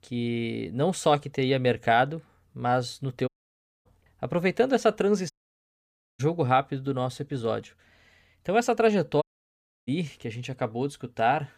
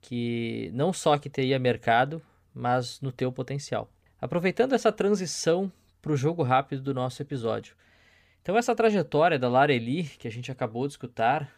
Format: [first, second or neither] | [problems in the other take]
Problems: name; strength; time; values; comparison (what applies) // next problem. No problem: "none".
second | audio cutting out; at 3.5 s for 0.5 s, at 5.5 s for 1 s and at 9 s for 0.5 s